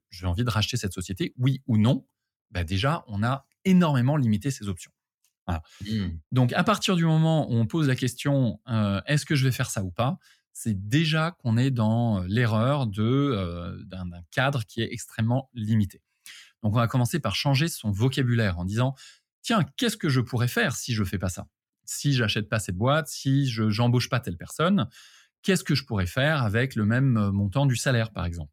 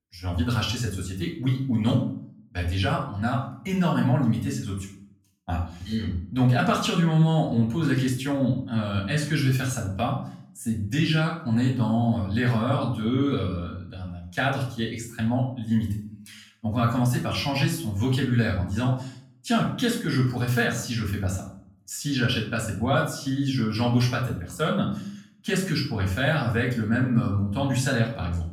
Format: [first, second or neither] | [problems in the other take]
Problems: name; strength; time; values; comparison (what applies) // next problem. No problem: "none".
first | off-mic speech; far // room echo; slight; dies away in 0.5 s